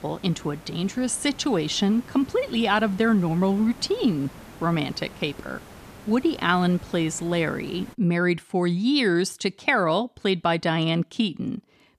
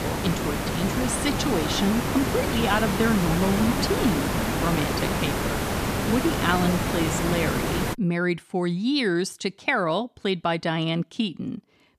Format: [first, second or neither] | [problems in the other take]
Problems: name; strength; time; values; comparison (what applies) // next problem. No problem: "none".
first | hiss; loud; until 8 s; as loud as the speech; faint in the first